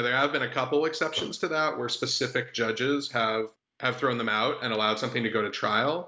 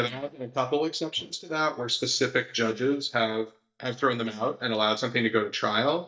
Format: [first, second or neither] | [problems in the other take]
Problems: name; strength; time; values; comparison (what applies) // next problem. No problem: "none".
first | noise reduction (neural mask model DeepFilterNet 3)